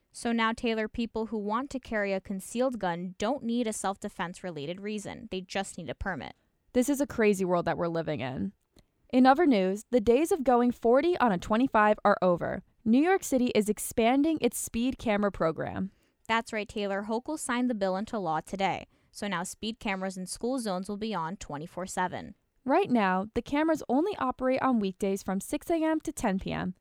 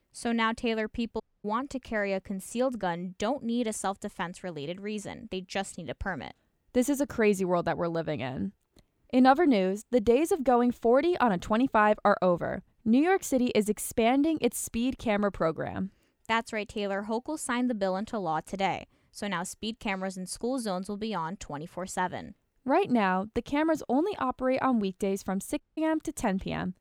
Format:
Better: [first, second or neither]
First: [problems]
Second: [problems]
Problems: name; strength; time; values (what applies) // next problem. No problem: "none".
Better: first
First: none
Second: audio cutting out; at 1 s and at 26 s